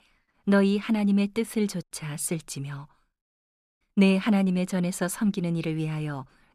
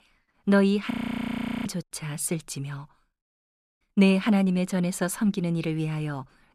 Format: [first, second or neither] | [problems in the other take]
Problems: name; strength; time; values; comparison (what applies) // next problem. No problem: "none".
first | audio freezing; at 1 s for 0.5 s